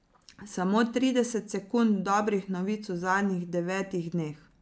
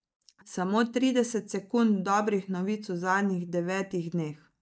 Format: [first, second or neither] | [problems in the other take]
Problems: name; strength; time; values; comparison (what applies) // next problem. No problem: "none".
first | noise reduction (neural mask model DeepFilterNet 3)